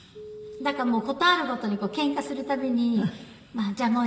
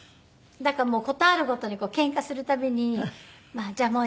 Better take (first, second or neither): second